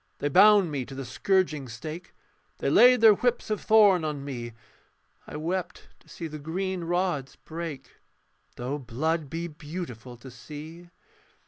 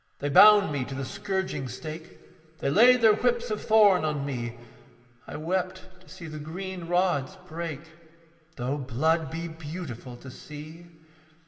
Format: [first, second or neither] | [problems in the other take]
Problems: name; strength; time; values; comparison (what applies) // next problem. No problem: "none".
first | room echo; dies away in 1.8 s